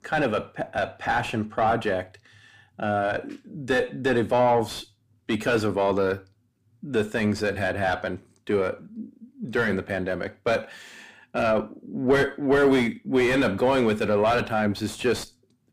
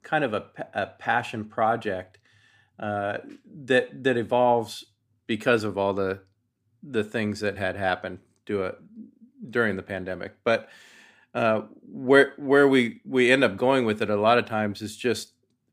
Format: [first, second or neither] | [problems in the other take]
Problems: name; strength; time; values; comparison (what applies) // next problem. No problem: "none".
second | distortion; heavy; 6 dB below the speech